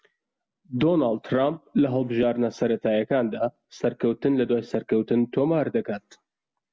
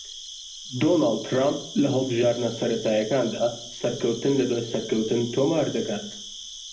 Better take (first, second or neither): first